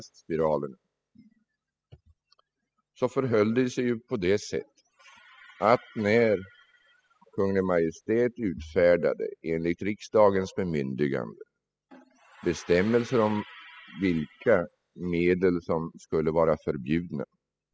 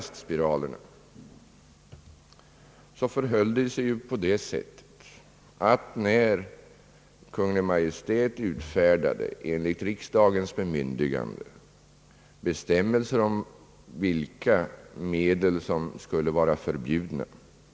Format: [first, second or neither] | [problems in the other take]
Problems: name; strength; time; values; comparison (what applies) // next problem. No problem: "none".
second | noise reduction (classical method spectral subtraction)